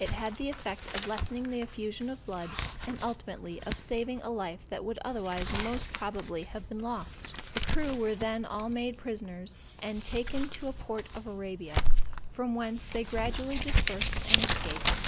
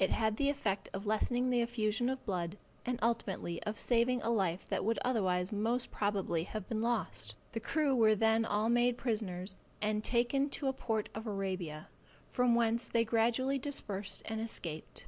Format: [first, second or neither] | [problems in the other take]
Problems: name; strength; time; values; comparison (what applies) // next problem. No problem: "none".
second | background sound (Crumpling, crinkling); 5 dB above the speech